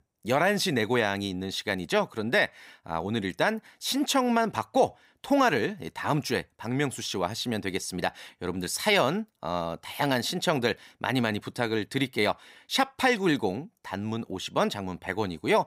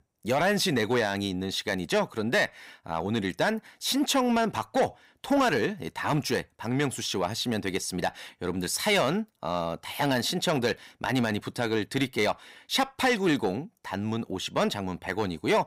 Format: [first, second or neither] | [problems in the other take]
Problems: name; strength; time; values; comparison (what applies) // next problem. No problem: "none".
first | distortion; slight; 10 dB below the speech